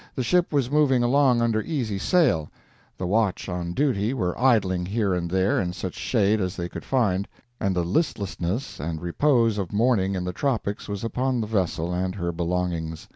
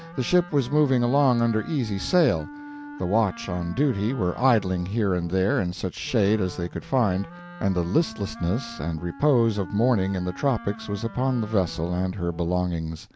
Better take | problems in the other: first | background sound (Wind instrument, woodwind instrument); 17 dB below the speech

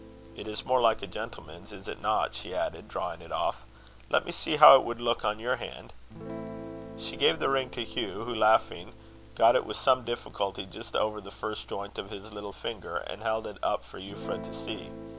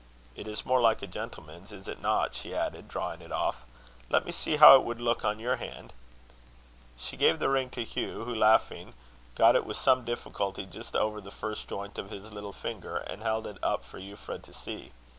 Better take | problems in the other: second | background sound (Guitar); 17 dB below the speech

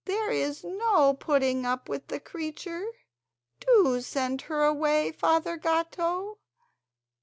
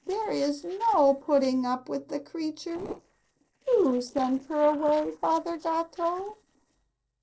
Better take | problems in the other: first | noise reduction (neural separator model SepFormer DNS4)

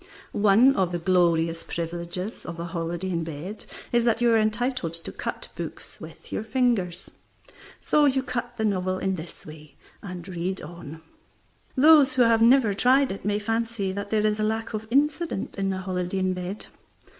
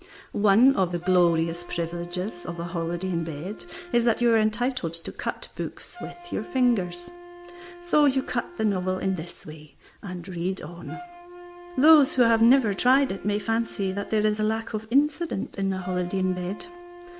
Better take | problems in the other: first | background sound (Wind instrument, woodwind instrument); 18 dB below the speech

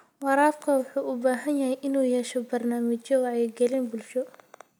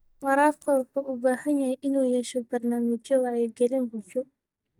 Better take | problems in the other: first | noise reduction (neural mask model DeepFilterNet 3)

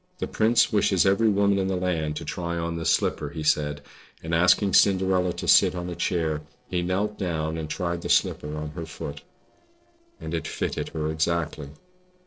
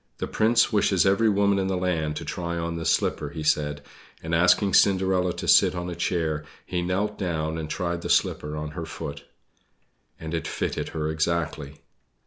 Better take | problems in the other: second | noise reduction (neural separator model SepFormer DNS4)

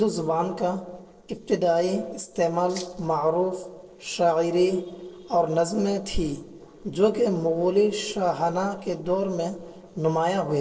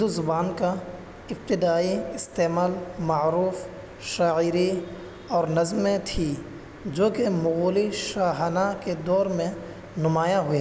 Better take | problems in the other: second | noise reduction (neural separator model SepFormer DNS4)

